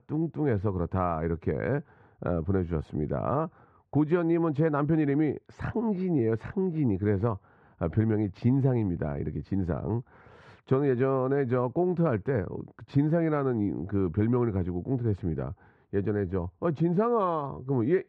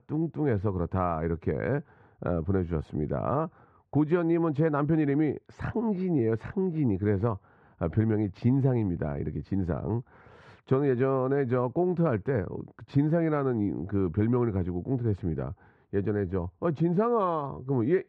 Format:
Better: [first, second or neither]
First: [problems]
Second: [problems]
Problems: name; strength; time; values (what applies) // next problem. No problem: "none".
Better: neither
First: muffled; very; fading above 1.5 kHz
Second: muffled; very; fading above 1.5 kHz